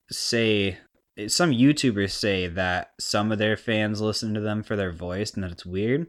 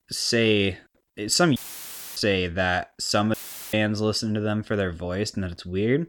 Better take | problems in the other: first | audio cutting out; filled with static; at 1.5 s for 0.5 s and at 3.5 s

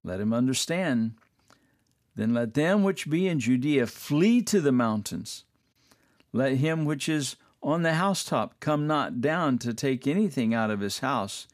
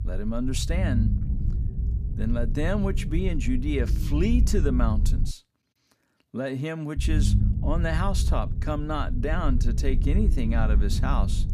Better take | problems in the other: first | low rumble; loud; until 5.5 s and from 7 s on; 10 dB below the speech

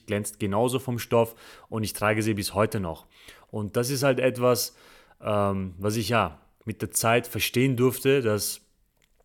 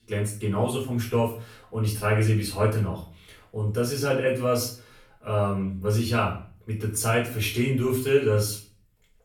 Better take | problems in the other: first | off-mic speech; far // room echo; slight; dies away in 0.4 s

